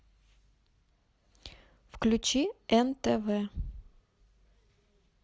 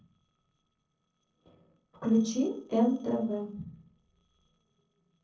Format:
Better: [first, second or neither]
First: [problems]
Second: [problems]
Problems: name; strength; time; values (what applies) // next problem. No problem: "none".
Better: first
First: none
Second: noise reduction (neural separator model SepFormer DNS4)